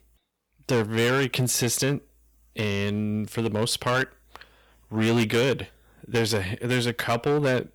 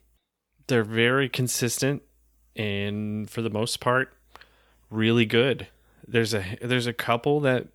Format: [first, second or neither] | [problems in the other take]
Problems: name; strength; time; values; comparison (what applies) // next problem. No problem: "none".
second | distortion; heavy; 9% of the sound clipped